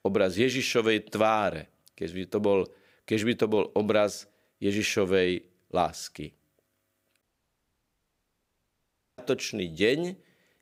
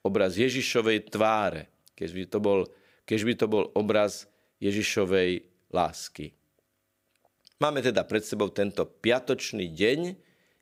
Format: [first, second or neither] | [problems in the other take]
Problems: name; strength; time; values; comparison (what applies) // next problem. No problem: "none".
second | audio cutting out; at 7 s for 2 s